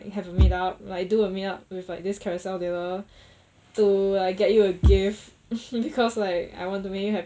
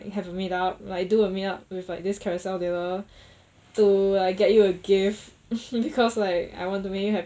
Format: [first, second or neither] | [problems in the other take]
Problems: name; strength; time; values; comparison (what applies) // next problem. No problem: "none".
second | background sound (Bass drum / Thump, thud); 4 dB below the speech